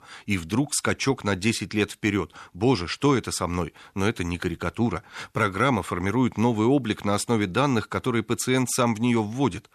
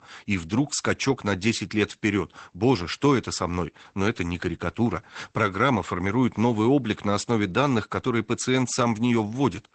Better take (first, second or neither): first